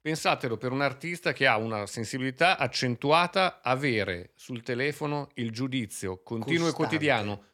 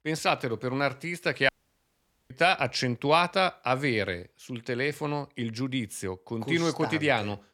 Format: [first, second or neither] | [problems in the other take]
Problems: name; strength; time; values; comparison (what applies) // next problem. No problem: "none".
first | audio cutting out; at 1.5 s for 1 s